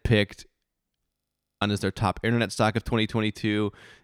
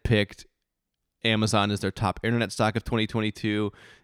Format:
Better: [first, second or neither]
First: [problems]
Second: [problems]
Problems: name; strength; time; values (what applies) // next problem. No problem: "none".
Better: second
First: audio freezing; at 1 s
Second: none